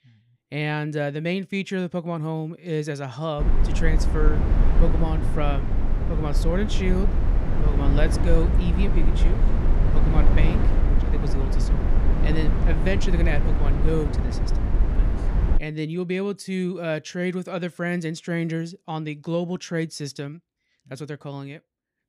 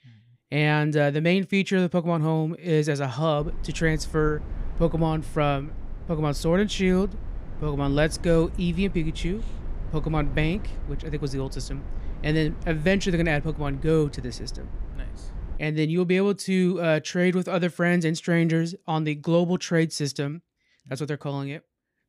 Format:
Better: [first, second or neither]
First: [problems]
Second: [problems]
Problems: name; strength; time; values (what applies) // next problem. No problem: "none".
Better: second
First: low rumble; loud; from 3.5 to 16 s; 4 dB below the speech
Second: low rumble; faint; from 3.5 to 16 s; 20 dB below the speech